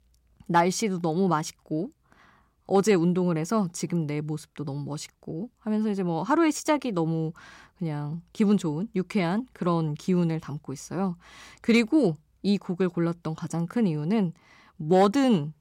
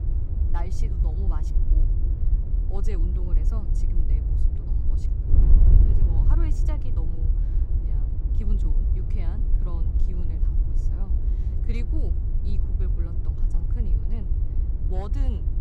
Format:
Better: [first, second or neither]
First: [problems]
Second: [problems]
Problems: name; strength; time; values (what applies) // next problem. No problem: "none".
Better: first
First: none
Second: wind noise on the microphone; heavy; 1 dB above the speech